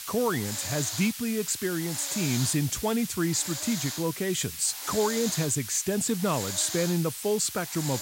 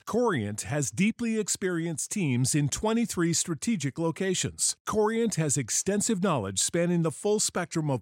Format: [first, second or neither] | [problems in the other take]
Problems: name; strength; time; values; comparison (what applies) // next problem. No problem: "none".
second | hiss; loud; throughout; 6 dB below the speech